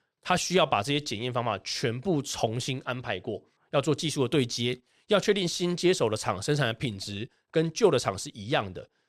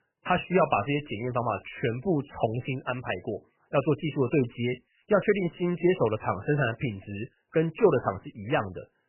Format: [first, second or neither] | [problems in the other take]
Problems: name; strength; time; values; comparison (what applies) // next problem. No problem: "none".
first | garbled, watery; badly; nothing above 3 kHz